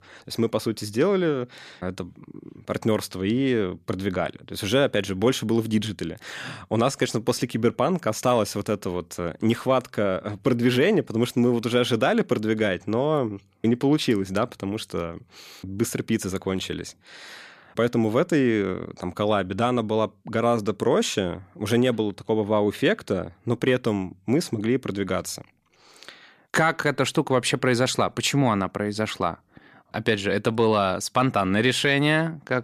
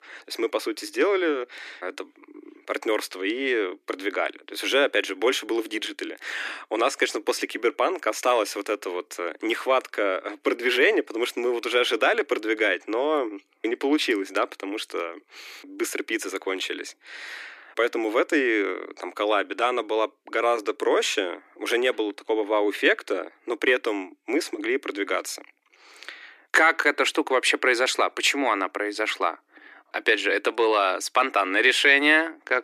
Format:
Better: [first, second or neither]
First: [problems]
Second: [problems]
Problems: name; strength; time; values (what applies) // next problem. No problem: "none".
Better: first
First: none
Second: thin; somewhat; fading below 300 Hz